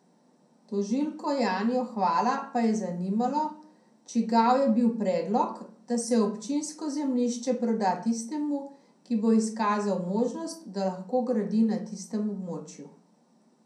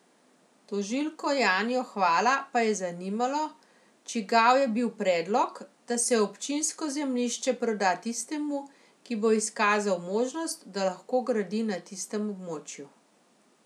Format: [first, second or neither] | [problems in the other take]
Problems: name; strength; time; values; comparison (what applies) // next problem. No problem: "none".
second | room echo; dies away in 0.6 s